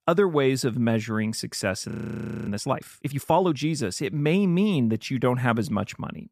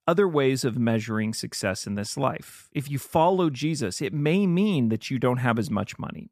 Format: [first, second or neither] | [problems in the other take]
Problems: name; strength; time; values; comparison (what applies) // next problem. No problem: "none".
second | audio freezing; at 2 s for 0.5 s